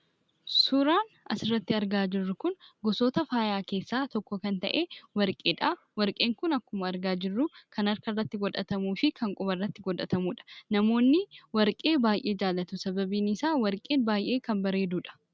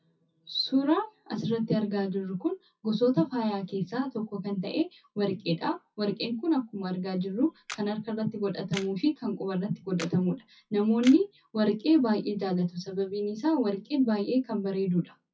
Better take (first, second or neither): first